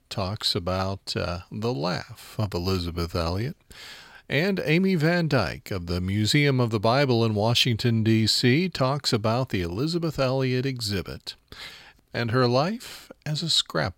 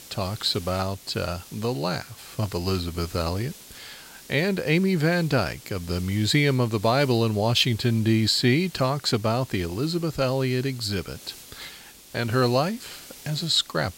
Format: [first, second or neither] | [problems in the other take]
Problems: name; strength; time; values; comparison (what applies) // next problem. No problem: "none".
first | hiss; noticeable; throughout; 20 dB below the speech